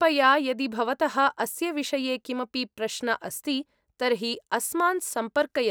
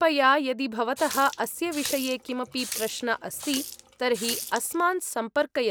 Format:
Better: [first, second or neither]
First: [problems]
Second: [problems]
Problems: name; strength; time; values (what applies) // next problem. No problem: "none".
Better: first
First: none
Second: background sound (Water tap, faucet); 11 dB below the speech